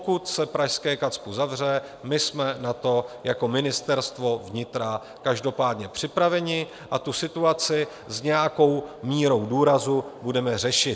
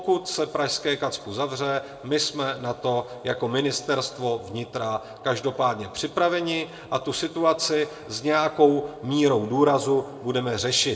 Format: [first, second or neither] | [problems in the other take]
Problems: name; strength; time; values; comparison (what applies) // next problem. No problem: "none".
first | room echo; dies away in 0.6 s